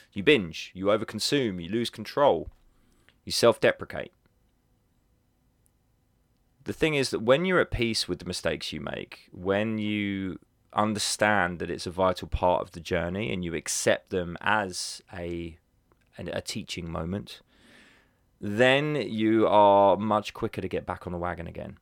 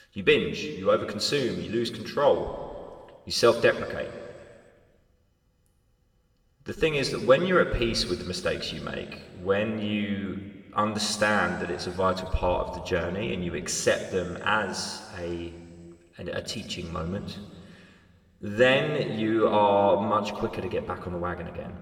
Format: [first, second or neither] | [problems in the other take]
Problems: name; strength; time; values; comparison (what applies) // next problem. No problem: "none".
first | room echo; slight; dies away in 1.9 s